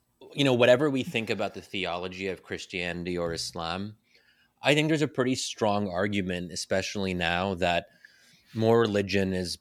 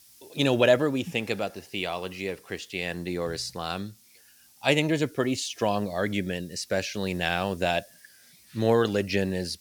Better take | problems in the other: first | hiss; faint; throughout; 25 dB below the speech

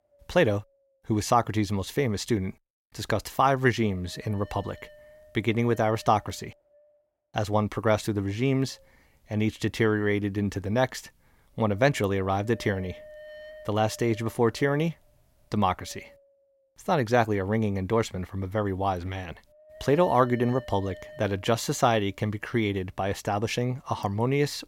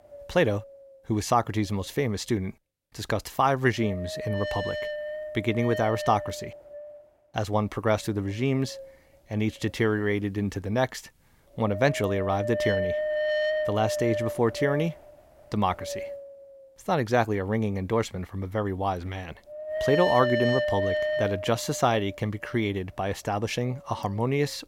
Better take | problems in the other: first | wind noise on the microphone; heavy; 1 dB below the speech; occasional gusts in the first

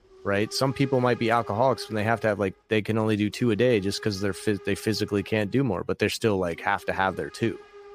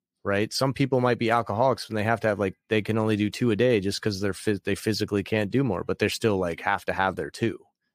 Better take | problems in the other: second | hiss; faint; throughout; 20 dB below the speech

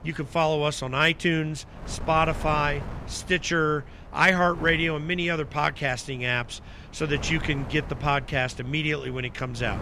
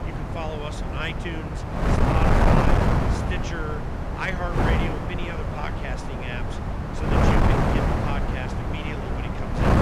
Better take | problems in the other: first | wind noise on the microphone; heavy; 5 dB above the speech; occasional gusts in the first

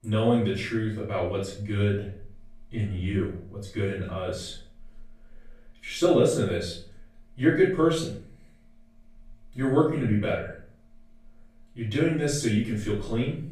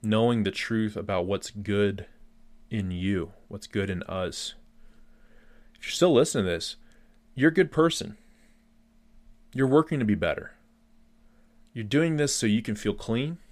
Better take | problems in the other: second | off-mic speech; far // room echo; noticeable; dies away in 0.5 s

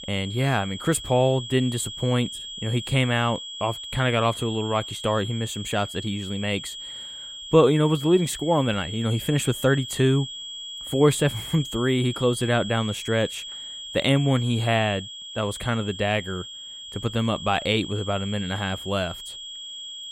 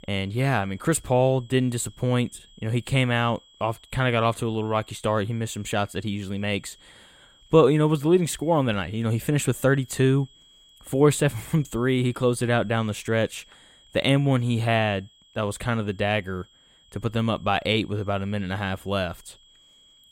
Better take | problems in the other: second | high-pitched whine; loud; throughout; 3.5 kHz, 10 dB below the speech; faint in the second

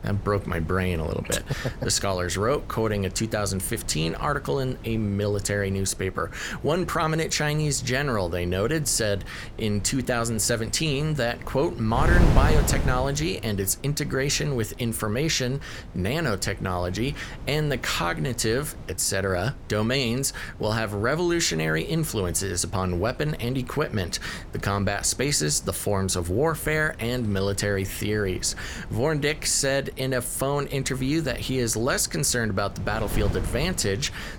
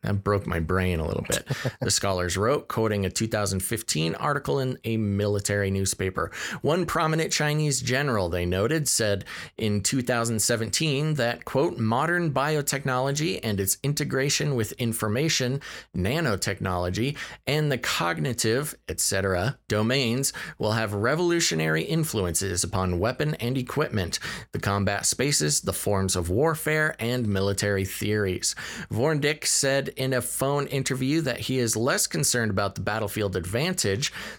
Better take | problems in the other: second | wind noise on the microphone; occasional gusts; 15 dB below the speech

